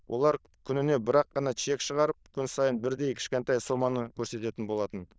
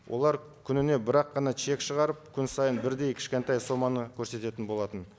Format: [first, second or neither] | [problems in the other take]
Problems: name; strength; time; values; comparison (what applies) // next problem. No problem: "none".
second | noise reduction (neural diffusion model UNIVERSE++)